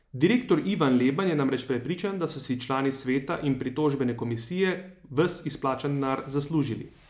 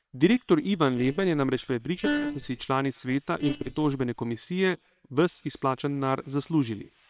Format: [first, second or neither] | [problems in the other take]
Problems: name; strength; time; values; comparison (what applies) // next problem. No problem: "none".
first | noise reduction (neural separator model SepFormer WHAM!)